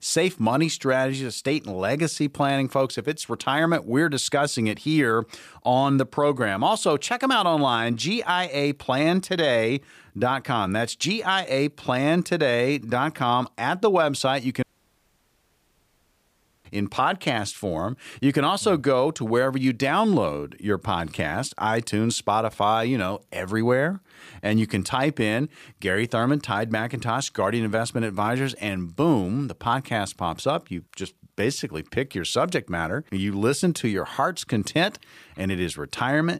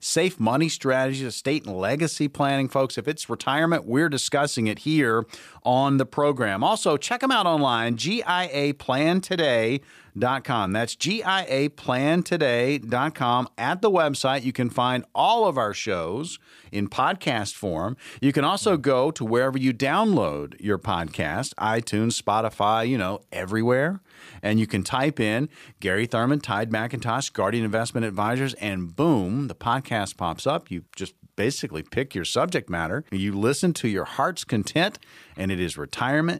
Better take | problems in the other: second | audio cutting out; at 15 s for 2 s

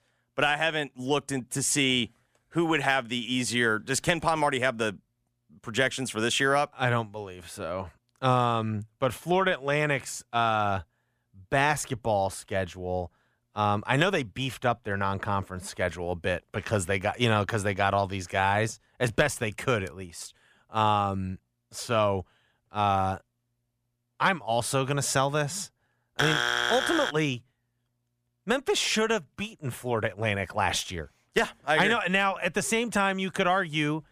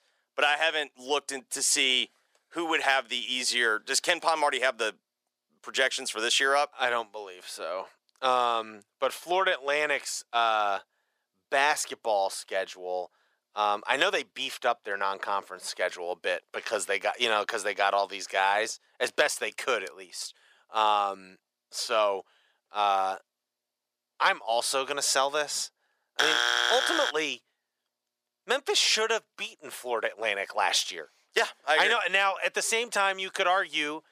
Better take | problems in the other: first | thin; very; fading below 400 Hz

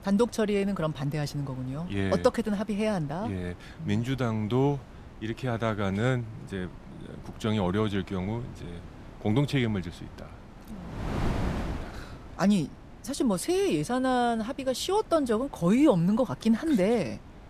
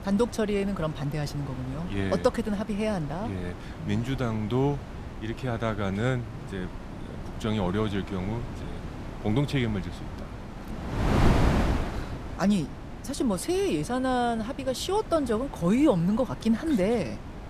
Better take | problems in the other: first | wind noise on the microphone; heavy; 9 dB below the speech; occasional gusts in the first

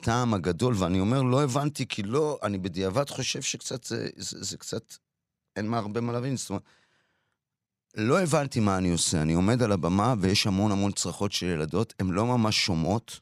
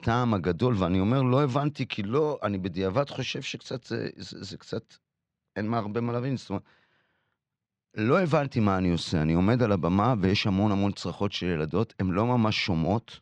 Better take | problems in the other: first | muffled; slightly; fading above 4 kHz

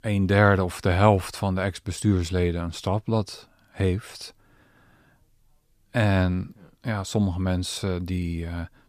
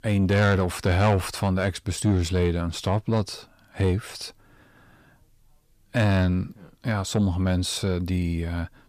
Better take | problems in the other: first | distortion; slight; 10 dB below the speech

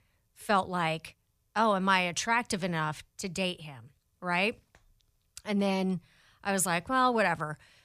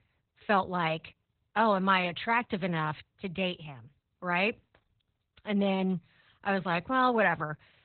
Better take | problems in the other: first | garbled, watery; badly; nothing above 4 kHz

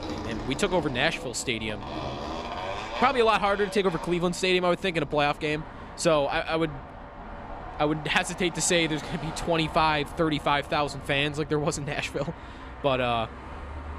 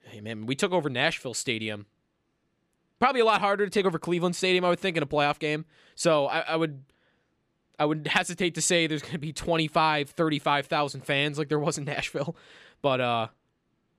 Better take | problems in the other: second | traffic noise; noticeable; throughout; 10 dB below the speech

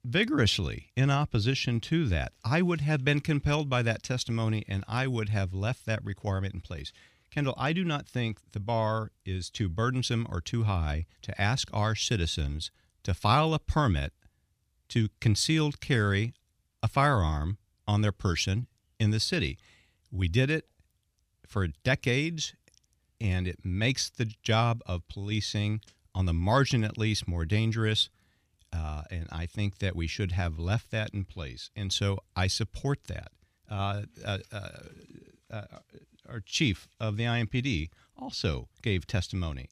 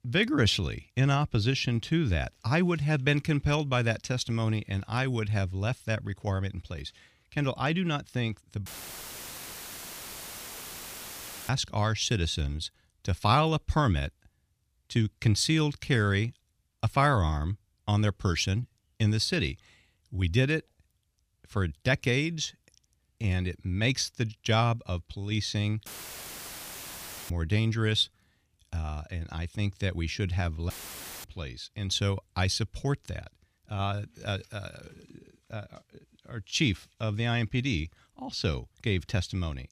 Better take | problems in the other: first | audio cutting out; filled with static; at 8.5 s for 3 s, at 26 s for 1.5 s and at 31 s for 0.5 s

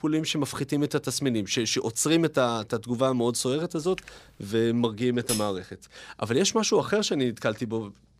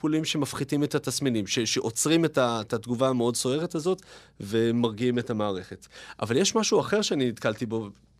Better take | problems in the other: second | keyboard typing; very faint; at 4 s; peak 15 dB below the speech // clattering dishes; noticeable; at 5.5 s; peak 4 dB below the speech

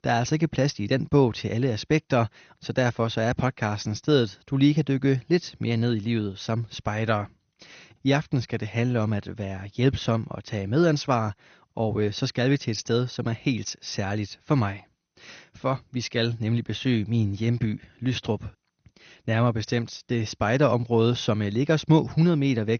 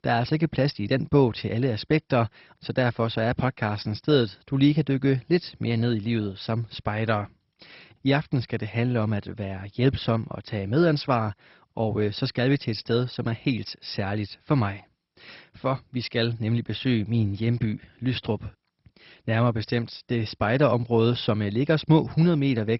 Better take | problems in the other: first | garbled, watery; badly; nothing above 5.5 kHz; slightly in the first

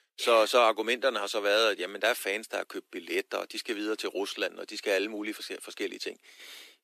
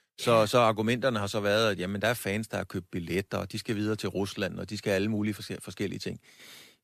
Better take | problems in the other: second | thin; somewhat; fading below 300 Hz

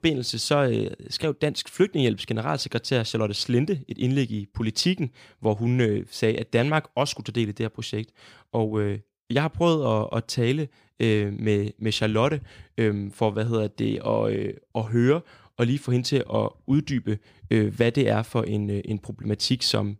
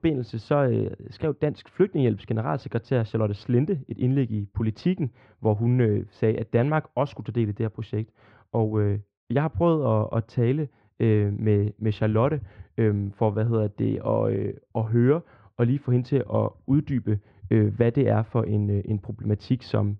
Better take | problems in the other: first | muffled; very; fading above 1.5 kHz

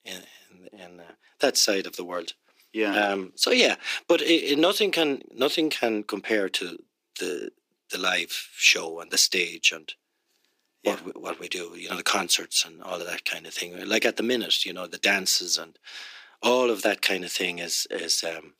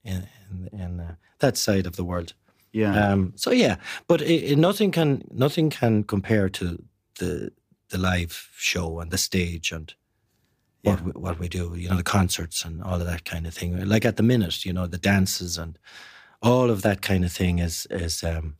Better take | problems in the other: second | thin; somewhat; fading below 300 Hz

